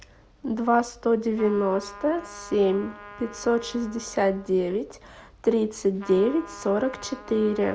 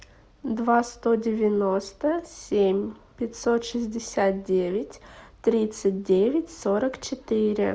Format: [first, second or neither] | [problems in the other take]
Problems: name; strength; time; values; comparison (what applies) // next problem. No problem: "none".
second | background sound (Trumpet); 19 dB below the speech